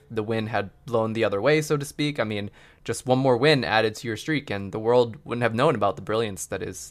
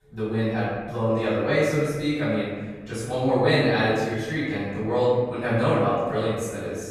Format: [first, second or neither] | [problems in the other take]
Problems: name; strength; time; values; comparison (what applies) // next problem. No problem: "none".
first | off-mic speech; far // room echo; strong; dies away in 1.4 s